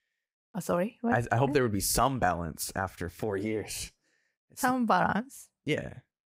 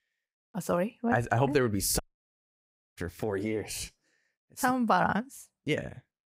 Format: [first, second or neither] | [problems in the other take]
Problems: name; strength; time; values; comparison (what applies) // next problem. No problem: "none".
first | audio cutting out; at 2 s for 1 s